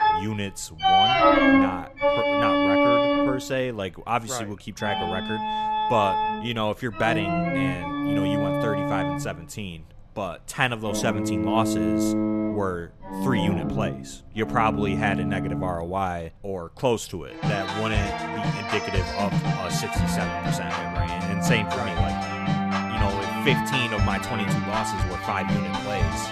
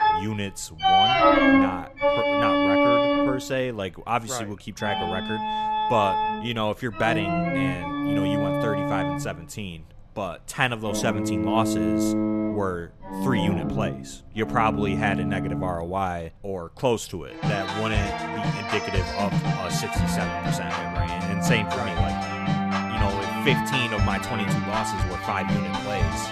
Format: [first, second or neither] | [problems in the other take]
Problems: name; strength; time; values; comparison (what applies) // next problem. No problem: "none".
neither | background music; very loud; throughout; 4 dB above the speech; the same in both